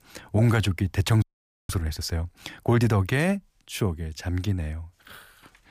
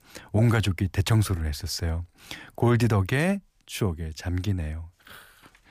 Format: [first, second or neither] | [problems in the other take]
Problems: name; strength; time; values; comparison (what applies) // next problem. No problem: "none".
second | audio freezing; at 1 s